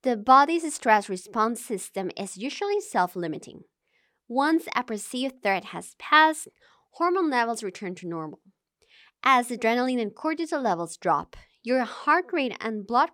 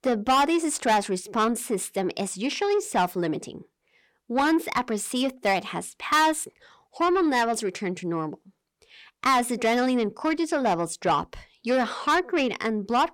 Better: first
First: none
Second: distortion; heavy; 7 dB below the speech

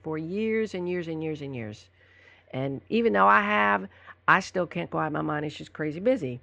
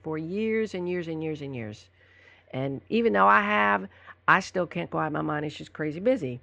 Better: neither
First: muffled; slightly; fading above 3 kHz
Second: muffled; slightly; fading above 3 kHz

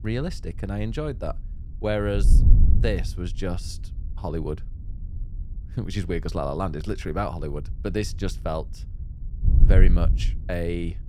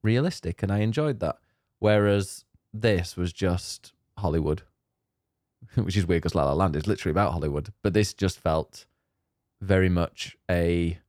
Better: second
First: wind noise on the microphone; occasional gusts; 15 dB below the speech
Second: none

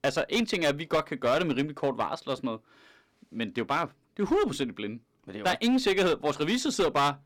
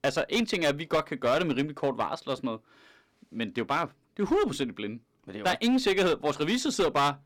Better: neither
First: distortion; slight; 8% of the sound clipped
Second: distortion; slight; 8% of the sound clipped

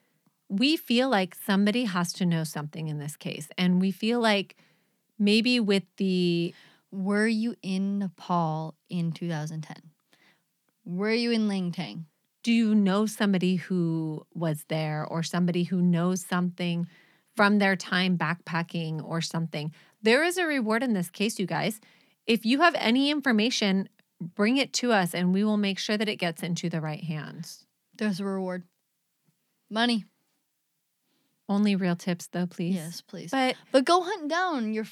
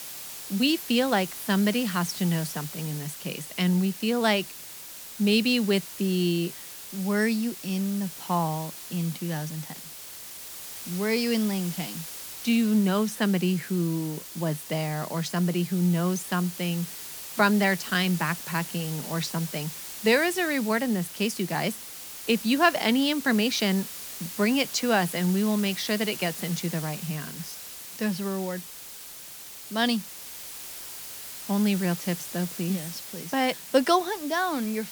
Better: first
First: none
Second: hiss; noticeable; throughout; 10 dB below the speech

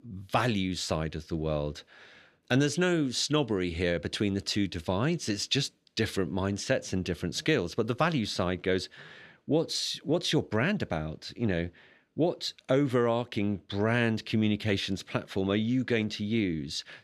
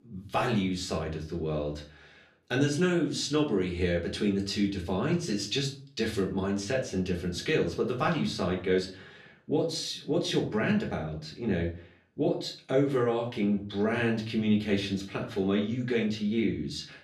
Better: first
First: none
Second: room echo; slight; dies away in 0.3 s // off-mic speech; far

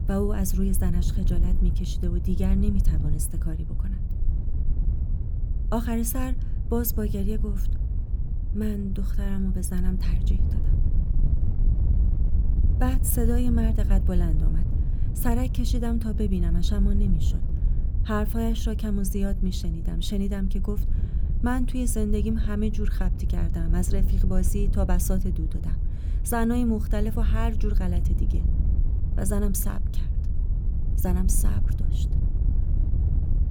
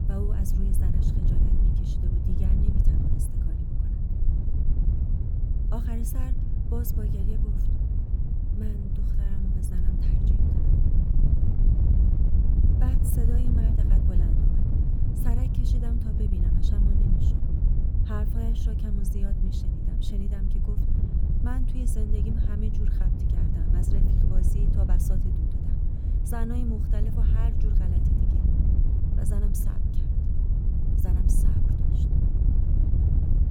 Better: first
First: wind noise on the microphone; occasional gusts; 10 dB below the speech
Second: wind noise on the microphone; heavy; 2 dB above the speech

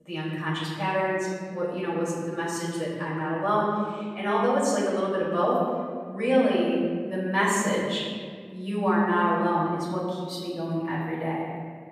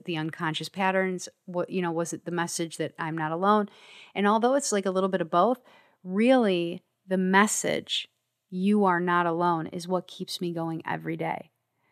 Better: second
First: off-mic speech; far // room echo; noticeable; dies away in 1.8 s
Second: none

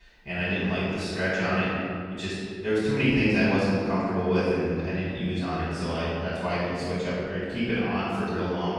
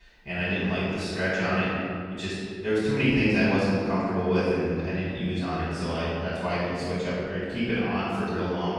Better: neither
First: off-mic speech; far // room echo; strong; dies away in 2 s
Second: off-mic speech; far // room echo; strong; dies away in 2 s

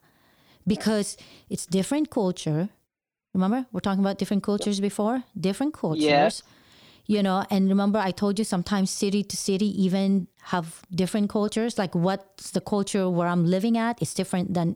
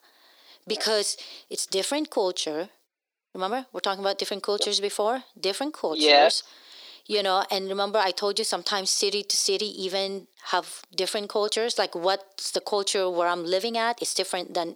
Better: first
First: none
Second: thin; very; fading below 350 Hz

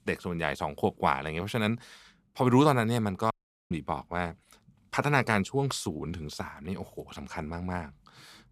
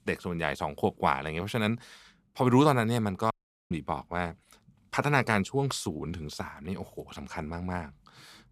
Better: neither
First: audio cutting out; at 3.5 s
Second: audio cutting out; at 3.5 s

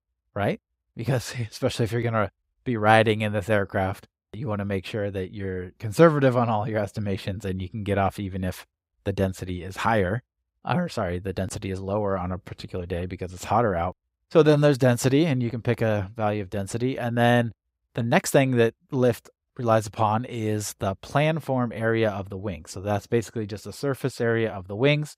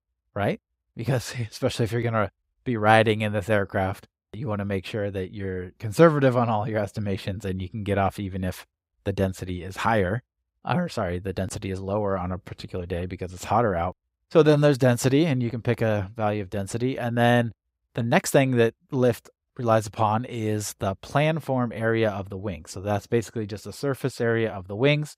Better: neither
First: none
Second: none

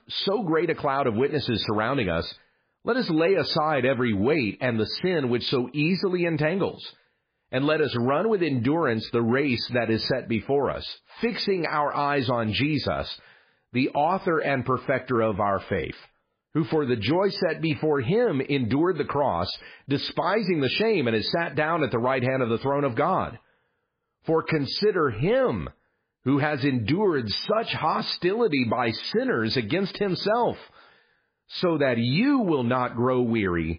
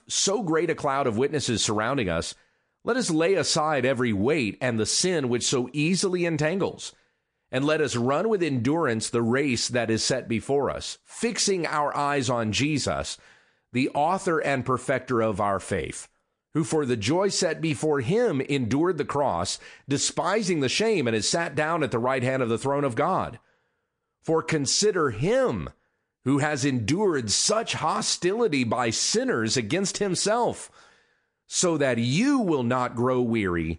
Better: second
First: garbled, watery; badly; nothing above 5 kHz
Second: garbled, watery; slightly

